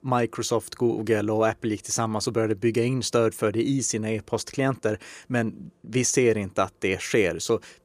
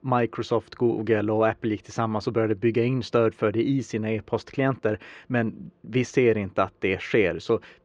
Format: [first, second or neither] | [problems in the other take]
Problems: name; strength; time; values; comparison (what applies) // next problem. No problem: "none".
first | muffled; very; fading above 3.5 kHz